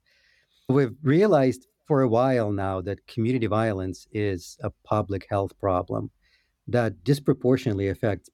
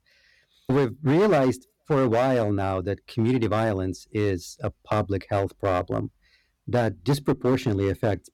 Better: first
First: none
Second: distortion; slight; 7% of the sound clipped

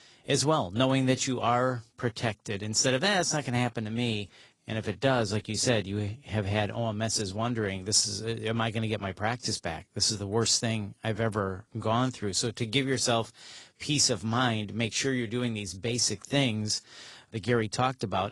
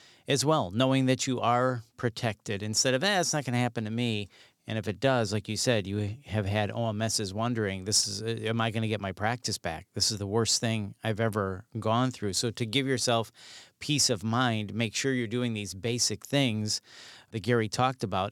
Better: second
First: garbled, watery; slightly; nothing above 10.5 kHz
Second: none

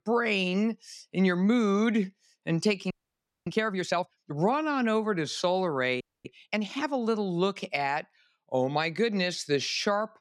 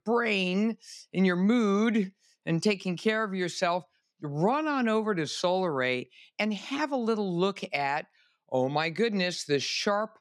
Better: second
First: audio freezing; at 3 s for 0.5 s and at 6 s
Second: none

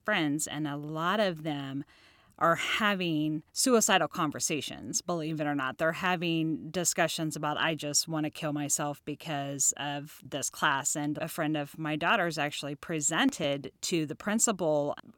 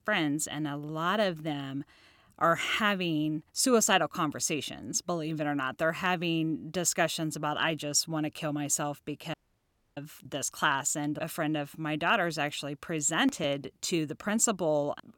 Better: first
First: none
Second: audio cutting out; at 9.5 s for 0.5 s

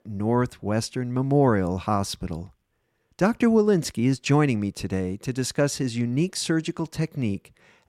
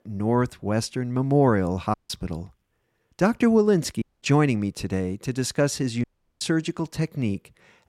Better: first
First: none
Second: audio cutting out; at 2 s, at 4 s and at 6 s

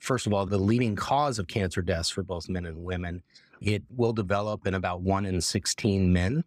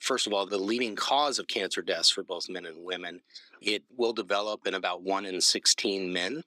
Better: first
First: none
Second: thin; somewhat; fading below 300 Hz

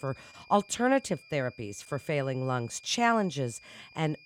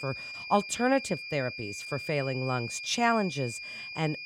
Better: first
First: high-pitched whine; faint; throughout; 2.5 kHz, 25 dB below the speech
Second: high-pitched whine; loud; throughout; 2.5 kHz, 8 dB below the speech

